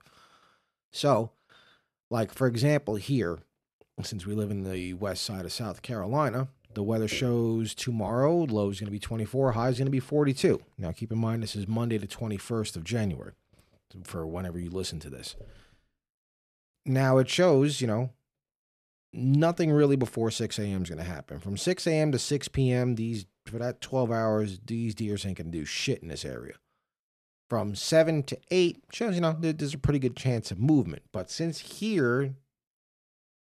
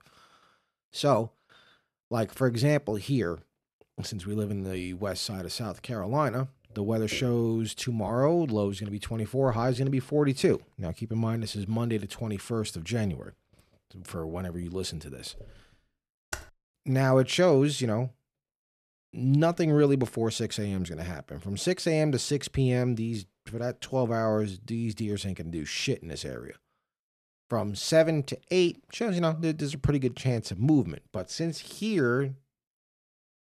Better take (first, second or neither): first